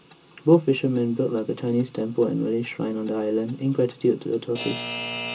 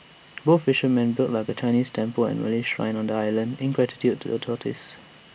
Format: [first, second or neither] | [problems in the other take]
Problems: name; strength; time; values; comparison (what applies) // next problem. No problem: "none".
second | background sound (Alarm / Clock); 15 dB below the speech // room echo; dies away in 0.2 s